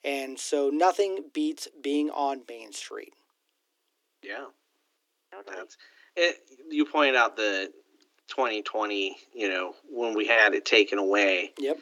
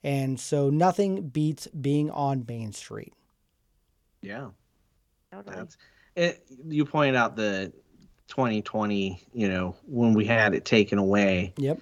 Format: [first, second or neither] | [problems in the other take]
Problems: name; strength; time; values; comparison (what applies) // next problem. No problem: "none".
second | thin; somewhat; fading below 300 Hz